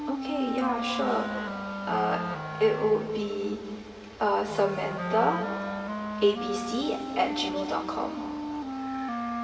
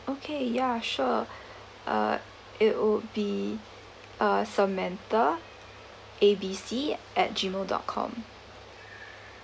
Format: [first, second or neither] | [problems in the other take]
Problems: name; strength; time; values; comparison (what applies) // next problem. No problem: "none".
second | background sound (Wind instrument, woodwind instrument); 5 dB below the speech // room echo; dies away in 2.3 s